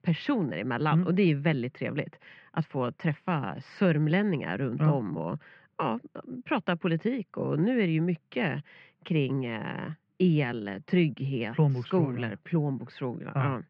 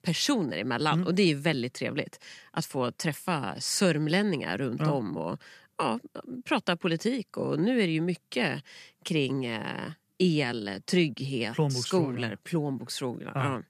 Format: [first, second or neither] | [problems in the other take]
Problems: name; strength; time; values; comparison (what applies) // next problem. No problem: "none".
second | muffled; very; fading above 2.5 kHz